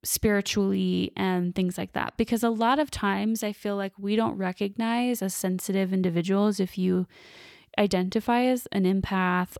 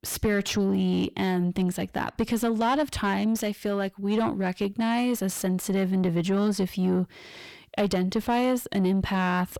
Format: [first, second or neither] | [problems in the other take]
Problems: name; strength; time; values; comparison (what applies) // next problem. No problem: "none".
first | distortion; slight; 10 dB below the speech